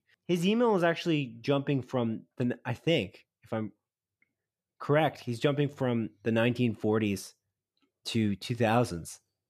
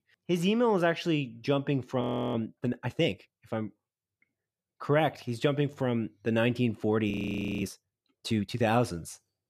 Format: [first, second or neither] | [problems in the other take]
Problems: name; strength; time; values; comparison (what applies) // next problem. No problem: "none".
first | audio freezing; at 2 s and at 7 s for 0.5 s